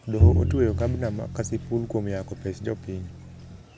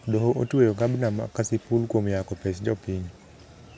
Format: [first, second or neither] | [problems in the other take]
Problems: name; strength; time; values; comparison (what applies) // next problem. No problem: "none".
second | background sound (Bowed string instrument); 3 dB above the speech